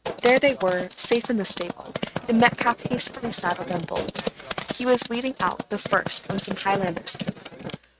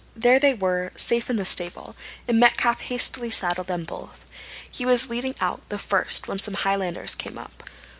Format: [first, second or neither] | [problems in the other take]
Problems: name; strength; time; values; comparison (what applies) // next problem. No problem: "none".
second | noise reduction (neural mask model RNNoise)